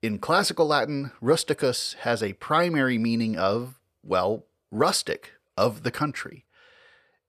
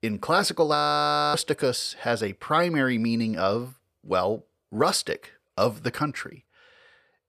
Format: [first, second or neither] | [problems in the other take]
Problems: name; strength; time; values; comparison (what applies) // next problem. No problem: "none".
first | audio freezing; at 1 s for 0.5 s